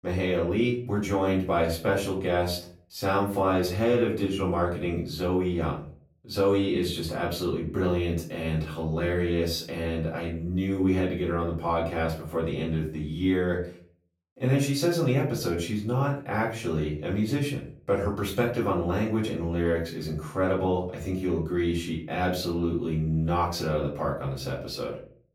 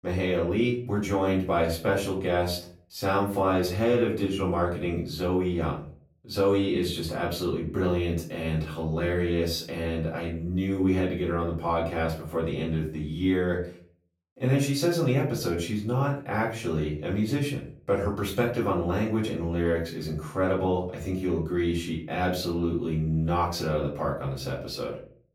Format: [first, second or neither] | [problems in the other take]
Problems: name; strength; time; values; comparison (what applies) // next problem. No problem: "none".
neither | off-mic speech; far; the same in both // room echo; slight; dies away in 0.4 s; the same in both